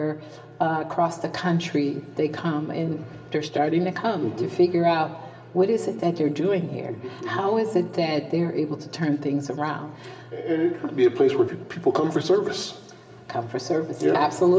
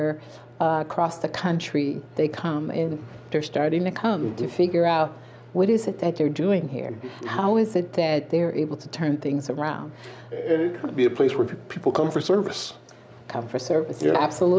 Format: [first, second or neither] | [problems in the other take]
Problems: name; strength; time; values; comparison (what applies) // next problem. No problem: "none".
second | room echo; dies away in 2.3 s